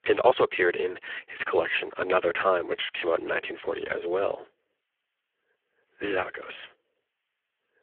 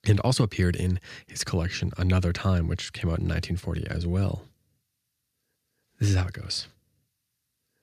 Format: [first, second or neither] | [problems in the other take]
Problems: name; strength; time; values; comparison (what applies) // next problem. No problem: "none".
second | phone-call audio; poor line